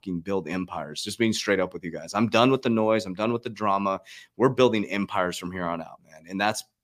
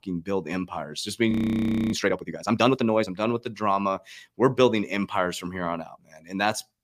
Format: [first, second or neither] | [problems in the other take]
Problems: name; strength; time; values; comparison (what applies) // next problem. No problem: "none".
first | audio freezing; at 1.5 s for 0.5 s